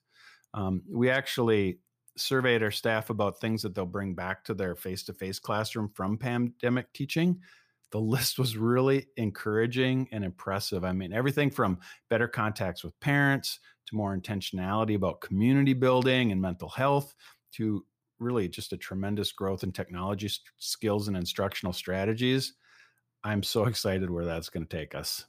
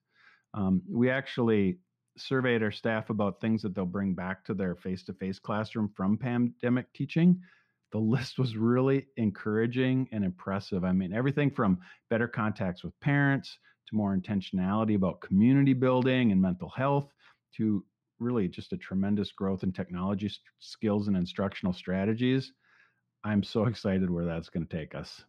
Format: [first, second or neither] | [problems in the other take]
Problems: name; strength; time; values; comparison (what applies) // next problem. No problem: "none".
first | muffled; slightly; fading above 3 kHz